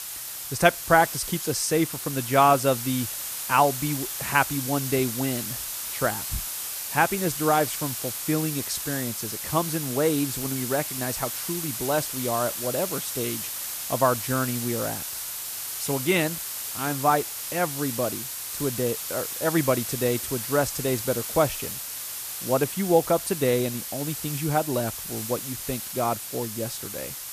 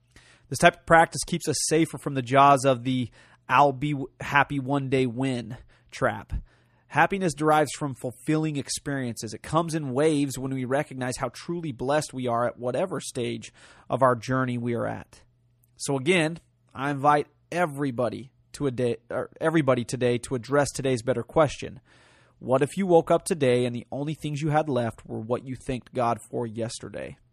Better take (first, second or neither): second